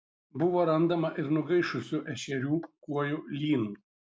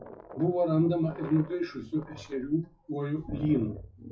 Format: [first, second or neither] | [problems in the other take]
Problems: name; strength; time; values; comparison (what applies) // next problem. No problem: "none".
first | noise reduction (classical method WPE with log-MMSE)